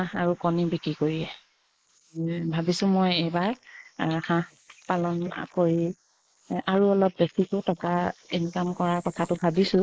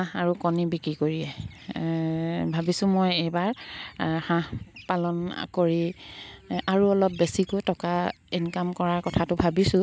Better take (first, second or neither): second